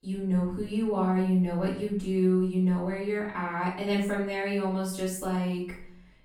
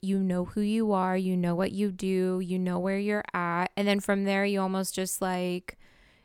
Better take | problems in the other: second | off-mic speech; far // room echo; noticeable; dies away in 0.5 s

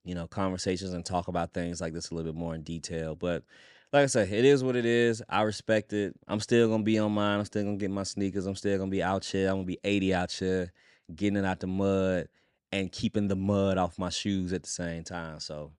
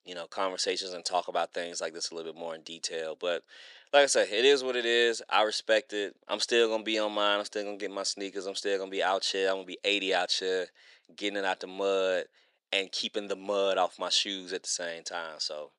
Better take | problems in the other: first | thin; very; fading below 450 Hz

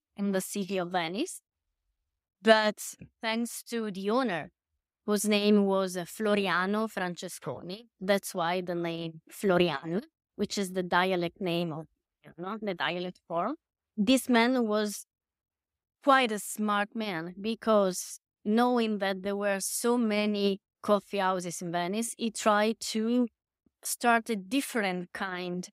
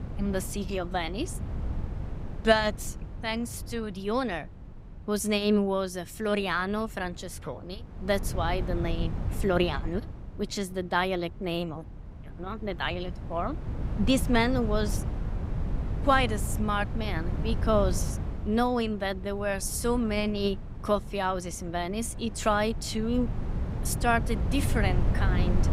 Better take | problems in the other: first | wind noise on the microphone; occasional gusts; 15 dB below the speech

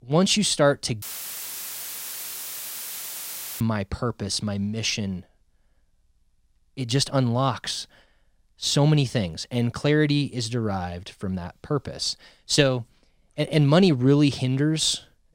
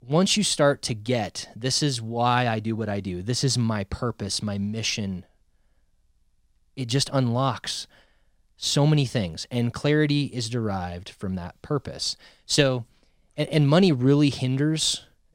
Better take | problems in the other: second | audio cutting out; filled with static; at 1 s for 2.5 s

